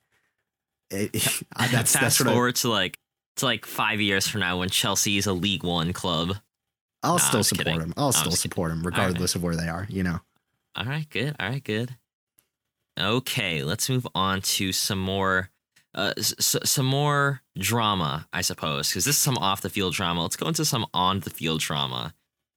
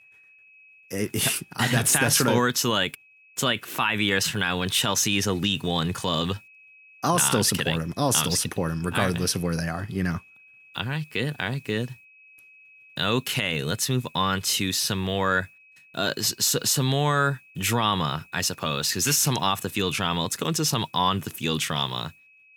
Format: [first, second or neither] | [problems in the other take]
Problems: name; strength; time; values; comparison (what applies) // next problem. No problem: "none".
first | high-pitched whine; faint; throughout; 2.5 kHz, 25 dB below the speech